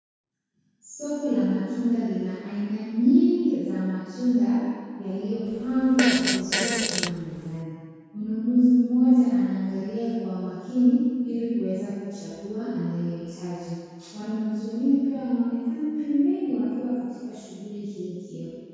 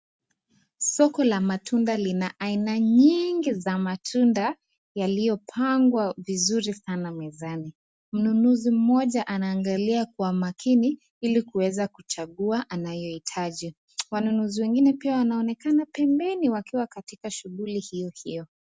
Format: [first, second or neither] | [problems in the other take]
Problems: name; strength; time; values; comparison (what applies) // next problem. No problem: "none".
second | background sound (Fart); 4 dB below the speech // room echo; dies away in 2 s